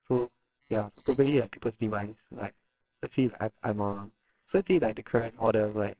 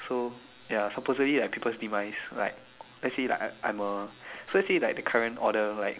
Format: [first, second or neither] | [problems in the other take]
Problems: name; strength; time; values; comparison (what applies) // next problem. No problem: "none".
second | noise reduction (neural separator model SepFormer WHAMR!)